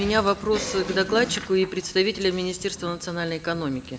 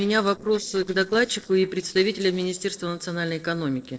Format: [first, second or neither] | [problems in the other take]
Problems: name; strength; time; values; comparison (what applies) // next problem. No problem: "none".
first | noise reduction (neural separator model SepFormer DNS4)